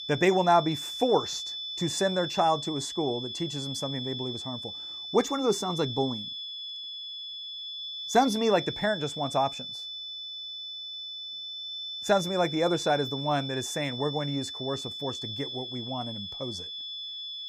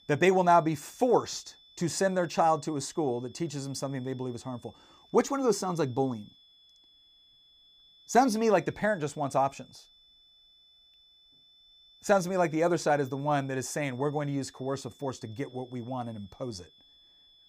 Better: second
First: high-pitched whine; loud; throughout; 3.5 kHz, 6 dB below the speech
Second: high-pitched whine; faint; throughout; 3.5 kHz, 30 dB below the speech

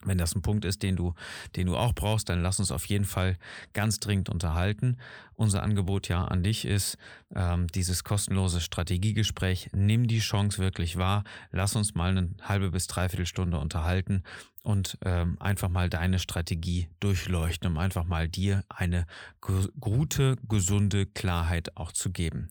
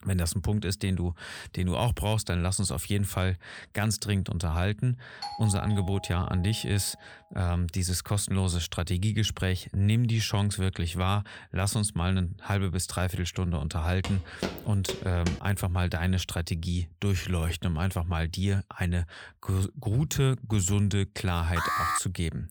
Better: first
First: none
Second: doorbell; noticeable; from 5 to 7 s; peak 9 dB below the speech // footsteps; noticeable; from 14 to 15 s; peak 6 dB below the speech // alarm; loud; at 22 s; peak 2 dB above the speech

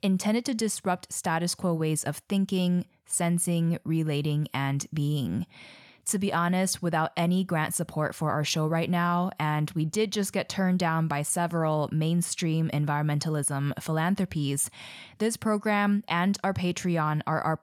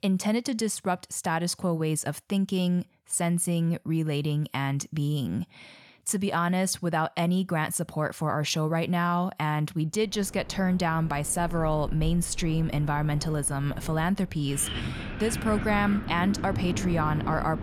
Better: first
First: none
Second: wind in the background; loud; from 10 s on; 9 dB below the speech

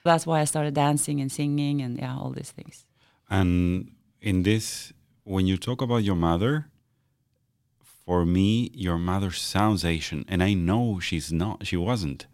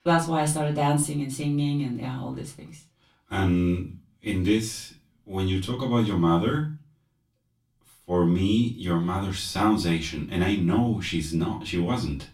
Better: first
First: none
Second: off-mic speech; far // room echo; very slight; dies away in 0.2 s

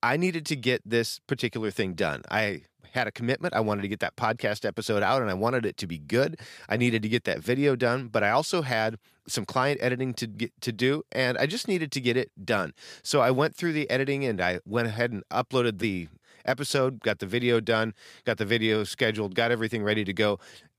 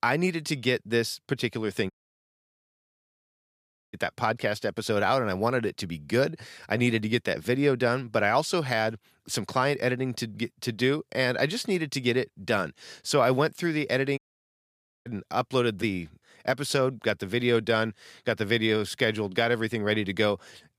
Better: first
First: none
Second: audio cutting out; at 2 s for 2 s and at 14 s for 1 s

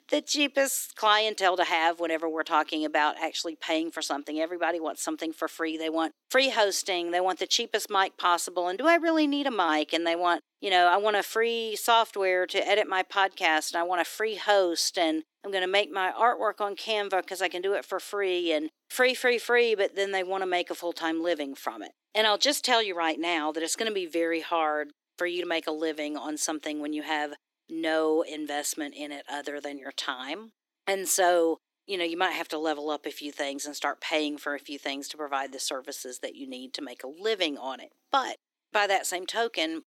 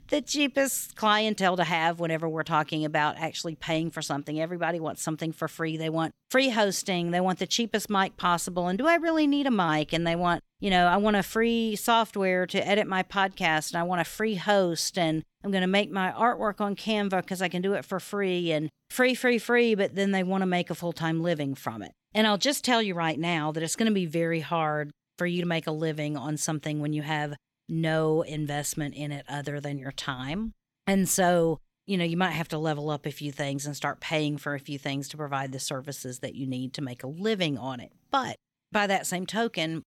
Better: second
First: thin; somewhat; fading below 300 Hz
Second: none

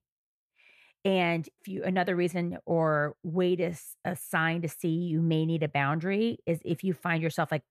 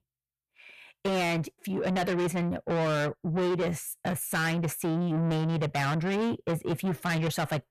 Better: first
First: none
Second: distortion; heavy; 7 dB below the speech

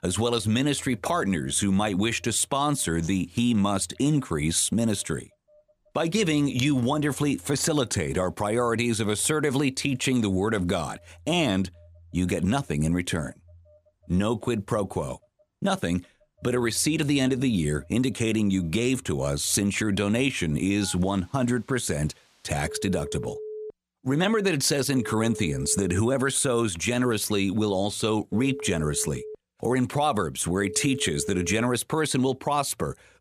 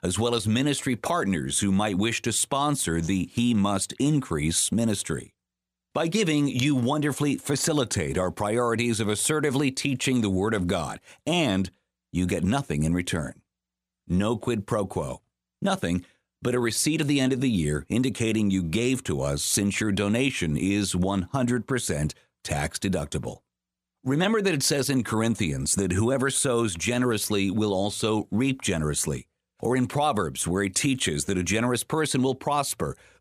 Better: second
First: alarms or sirens; noticeable; throughout; 15 dB below the speech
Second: none

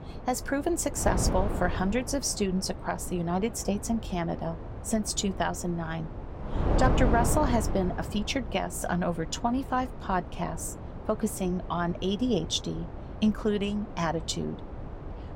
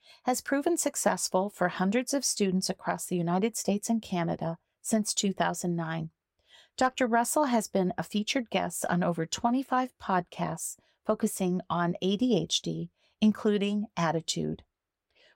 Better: second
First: wind noise on the microphone; heavy; 9 dB below the speech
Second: none

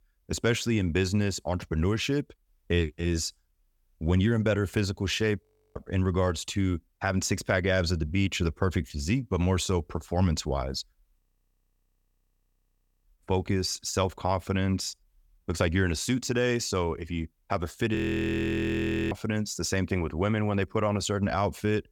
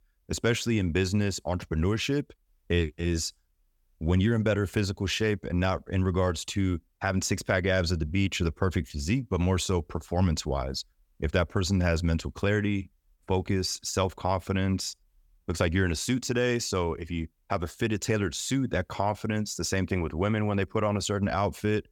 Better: second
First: audio freezing; at 5.5 s, at 11 s for 2 s and at 18 s for 1 s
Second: none

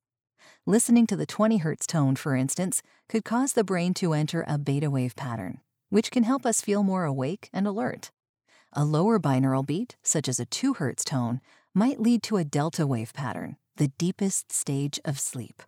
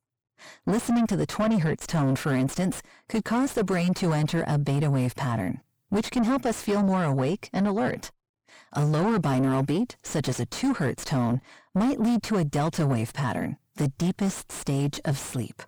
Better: first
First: none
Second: distortion; heavy; 5 dB below the speech

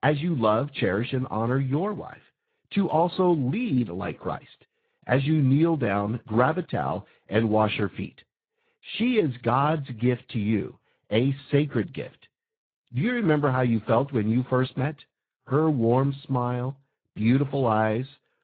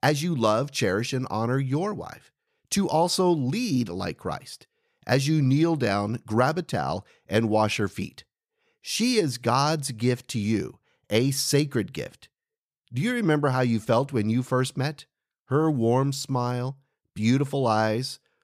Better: second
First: garbled, watery; badly; nothing above 4 kHz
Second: none

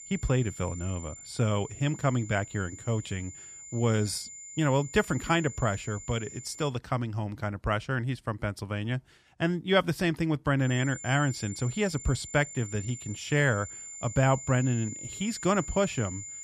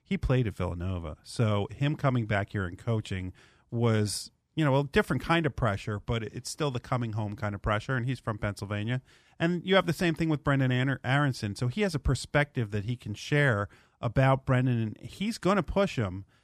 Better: second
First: high-pitched whine; noticeable; until 6.5 s and from 11 s on; 7 kHz, 10 dB below the speech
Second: none

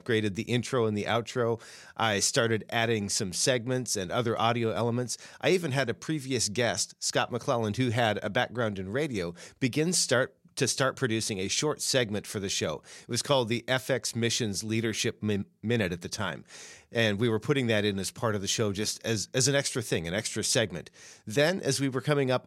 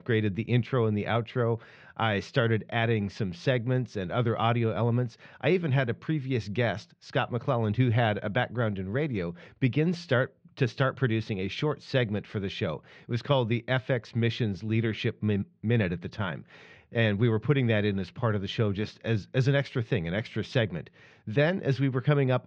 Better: first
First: none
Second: muffled; very; fading above 3.5 kHz

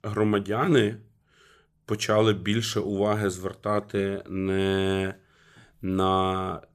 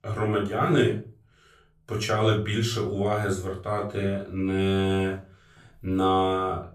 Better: first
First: none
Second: off-mic speech; far // room echo; slight; dies away in 0.3 s

